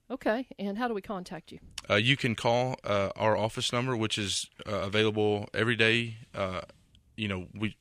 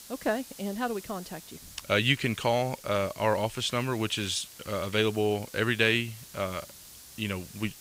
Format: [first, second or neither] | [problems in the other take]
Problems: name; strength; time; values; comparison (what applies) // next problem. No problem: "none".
first | hiss; noticeable; throughout; 15 dB below the speech